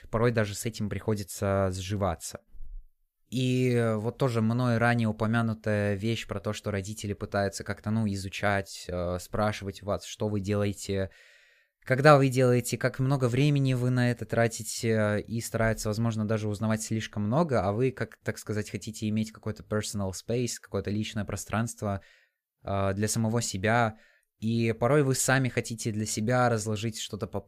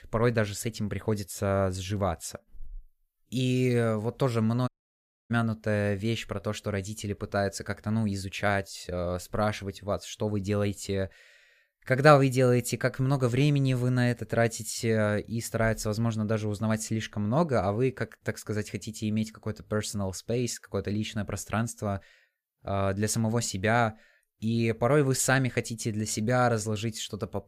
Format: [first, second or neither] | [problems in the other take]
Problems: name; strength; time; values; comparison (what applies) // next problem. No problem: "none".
first | audio cutting out; at 4.5 s for 0.5 s